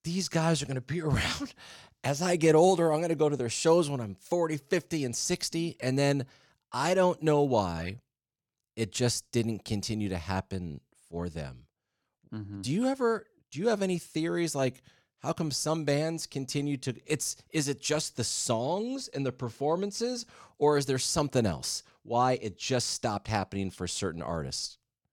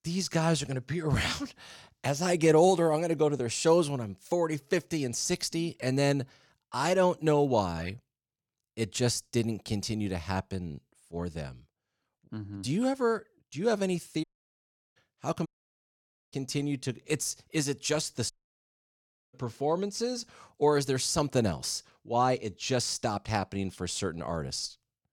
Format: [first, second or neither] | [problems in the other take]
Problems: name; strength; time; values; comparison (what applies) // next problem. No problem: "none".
first | audio cutting out; at 14 s for 0.5 s, at 15 s for 1 s and at 18 s for 1 s